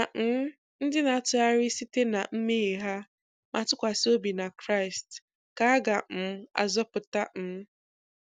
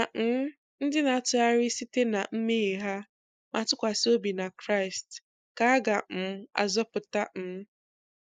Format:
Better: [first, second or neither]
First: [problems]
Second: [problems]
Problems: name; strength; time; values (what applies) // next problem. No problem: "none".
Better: first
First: none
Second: noise reduction (neural mask model Resemble Enhance denoiser)